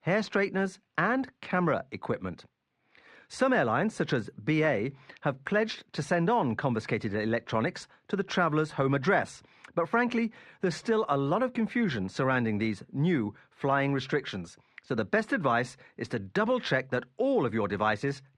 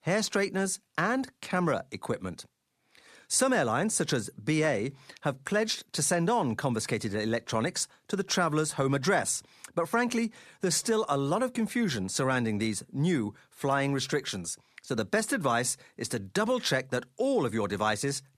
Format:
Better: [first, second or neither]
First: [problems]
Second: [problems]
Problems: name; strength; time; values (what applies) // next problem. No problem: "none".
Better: second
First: muffled; slightly; fading above 2.5 kHz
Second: none